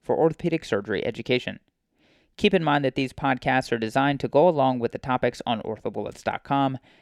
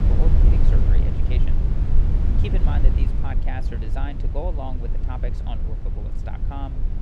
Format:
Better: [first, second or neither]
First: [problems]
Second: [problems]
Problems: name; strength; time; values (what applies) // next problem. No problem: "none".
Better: first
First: none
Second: low rumble; loud; throughout; 1 dB below the speech